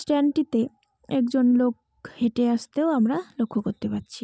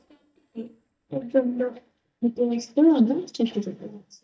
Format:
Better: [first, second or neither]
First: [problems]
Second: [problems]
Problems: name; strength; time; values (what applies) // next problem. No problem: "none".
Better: first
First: none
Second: noise reduction (neural mask model DeepFilterNet 3)